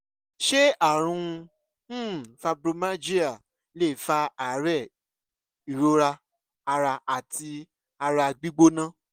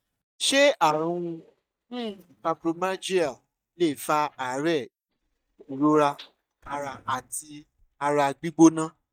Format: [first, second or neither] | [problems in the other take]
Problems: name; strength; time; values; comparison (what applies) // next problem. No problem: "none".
first | noise reduction (neural mask model DeepFilterNet 3)